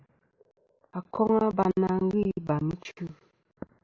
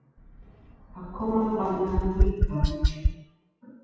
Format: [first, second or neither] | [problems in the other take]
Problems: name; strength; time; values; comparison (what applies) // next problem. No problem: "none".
first | noise reduction (classical method WPE with log-MMSE)